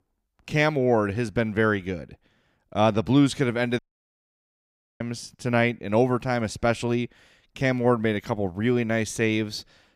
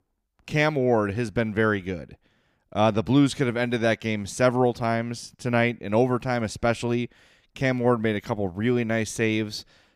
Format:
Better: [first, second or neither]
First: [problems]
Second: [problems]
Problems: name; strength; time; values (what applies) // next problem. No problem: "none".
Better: second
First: audio cutting out; at 4 s for 1 s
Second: none